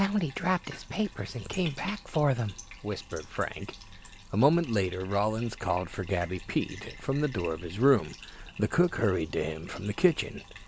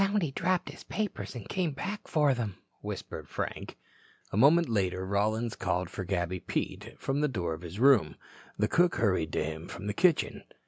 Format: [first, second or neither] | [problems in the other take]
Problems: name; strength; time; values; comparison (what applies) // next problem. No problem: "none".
second | background sound (Bathtub (filling or washing)); 16 dB below the speech